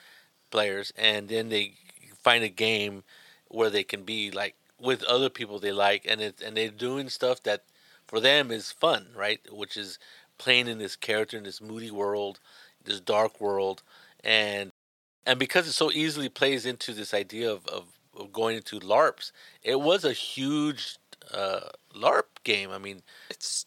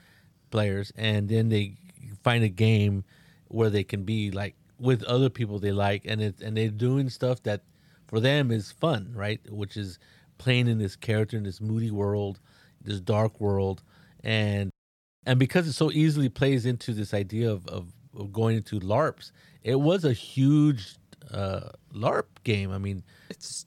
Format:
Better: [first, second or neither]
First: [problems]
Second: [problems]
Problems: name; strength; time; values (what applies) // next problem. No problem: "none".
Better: second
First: thin; very; fading below 500 Hz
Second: none